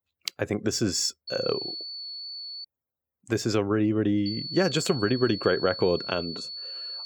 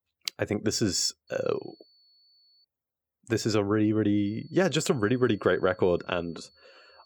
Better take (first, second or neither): second